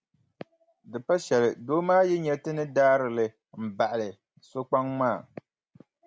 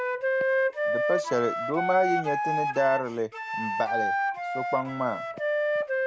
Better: first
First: none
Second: background sound (Wind instrument, woodwind instrument); 2 dB above the speech

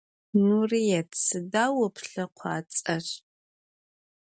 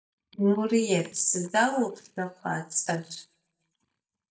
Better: first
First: none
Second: noise reduction (neural mask model DeepFilterNet 3)

